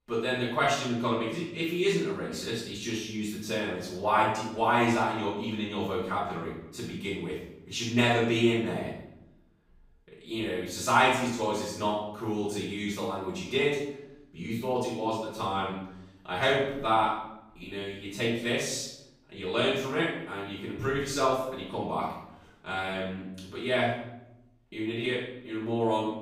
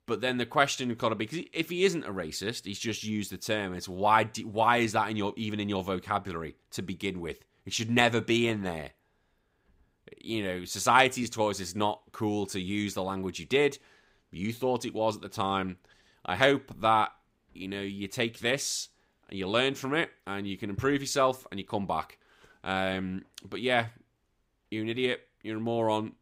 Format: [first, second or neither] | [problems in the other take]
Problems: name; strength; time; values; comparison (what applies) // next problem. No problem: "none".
second | off-mic speech; far // room echo; noticeable; dies away in 0.7 s